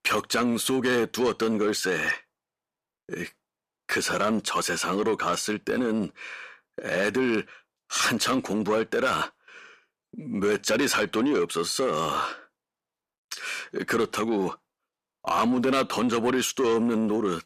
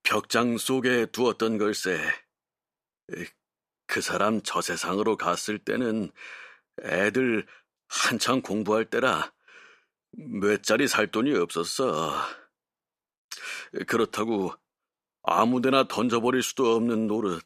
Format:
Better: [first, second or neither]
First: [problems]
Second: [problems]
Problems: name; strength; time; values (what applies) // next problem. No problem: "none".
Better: second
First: distortion; slight; 10 dB below the speech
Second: none